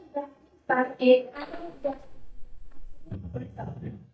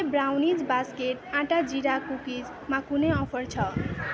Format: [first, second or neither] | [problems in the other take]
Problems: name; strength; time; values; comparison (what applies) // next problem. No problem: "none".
second | noise reduction (neural mask model DeepFilterNet 3)